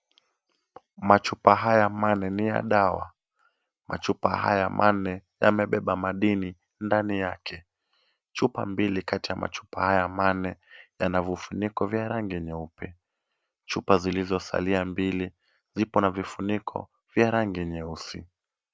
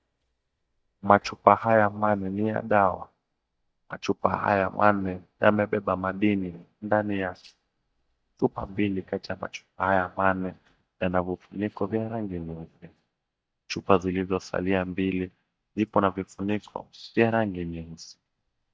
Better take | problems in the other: first | noise reduction (neural mask model DeepFilterNet 3)

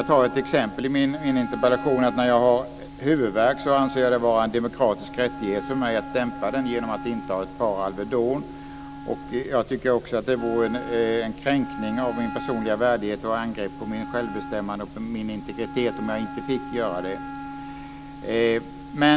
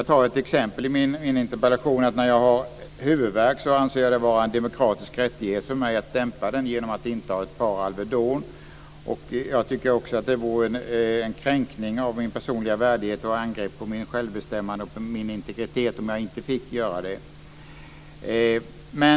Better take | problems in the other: second | background sound (Wind instrument, woodwind instrument); 12 dB below the speech

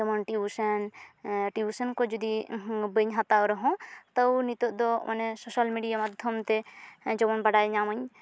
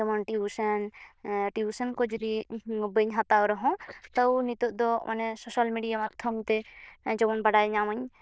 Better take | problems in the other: first | noise reduction (neural diffusion model UNIVERSE++)

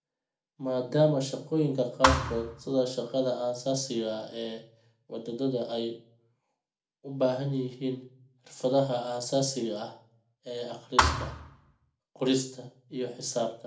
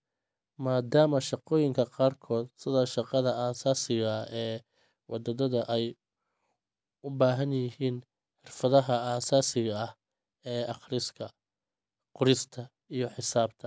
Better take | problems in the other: second | background sound (Thump, thud); 2 dB above the speech // room echo; dies away in 0.4 s

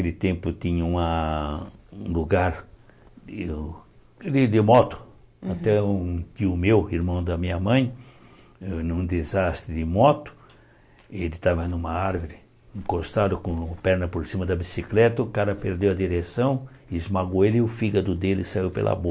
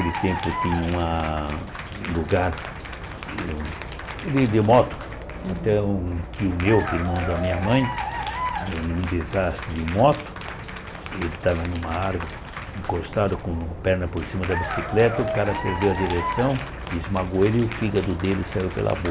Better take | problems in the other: first | background sound (Insect / Frog + Applause / Cheering); 7 dB below the speech

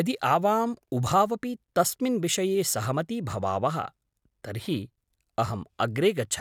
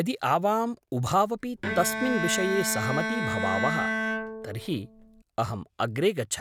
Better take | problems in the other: first | background sound (Bowed string instrument); 2 dB below the speech

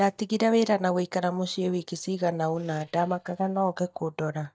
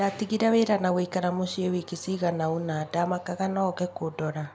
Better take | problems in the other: second | noise reduction (neural mask model DeepFilterNet 3)

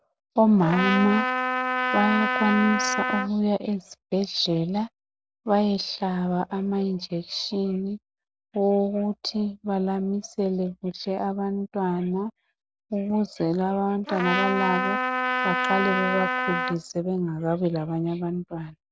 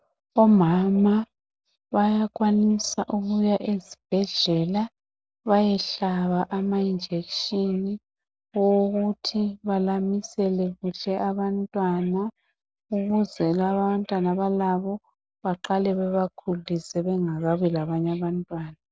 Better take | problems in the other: second | background sound (Trumpet); as loud as the speech

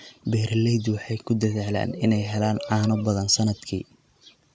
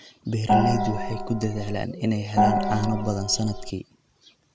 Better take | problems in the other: first | background sound (Gong); 3 dB above the speech

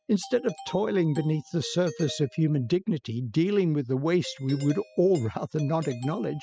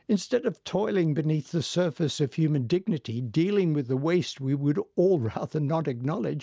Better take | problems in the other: second | noise reduction (classical method spectral subtraction)

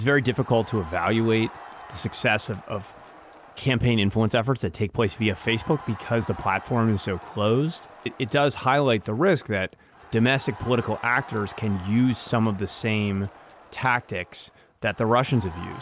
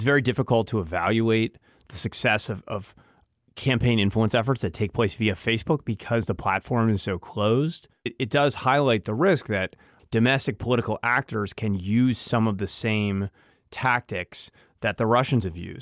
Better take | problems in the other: second | background sound (Crowd); 19 dB below the speech

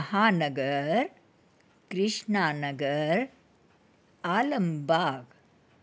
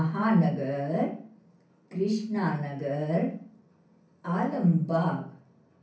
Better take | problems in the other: first | room echo; dies away in 0.6 s

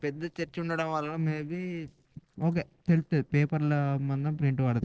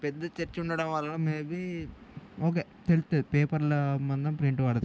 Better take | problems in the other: second | noise reduction (neural separator model SepFormer DNS4)

